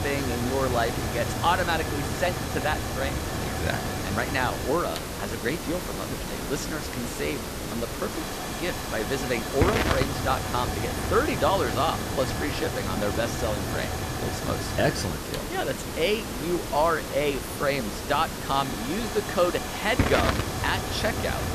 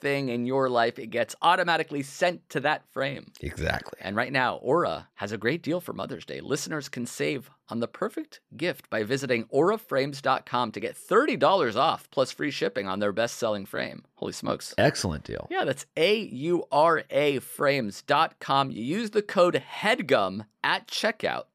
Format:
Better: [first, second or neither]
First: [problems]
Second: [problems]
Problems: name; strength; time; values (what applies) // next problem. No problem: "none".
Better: second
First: hiss; loud; throughout; 2 dB below the speech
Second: none